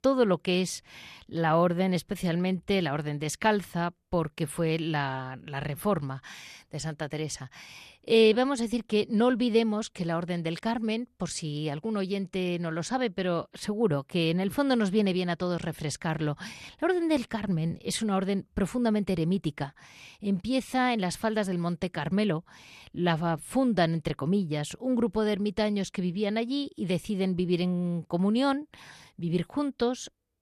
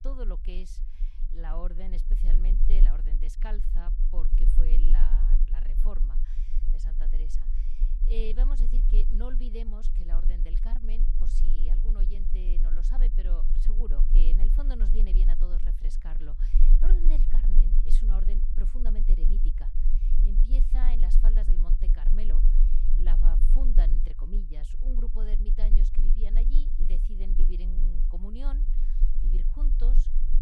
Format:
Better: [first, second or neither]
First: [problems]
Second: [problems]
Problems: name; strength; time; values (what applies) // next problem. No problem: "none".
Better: first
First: none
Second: low rumble; loud; throughout; 6 dB below the speech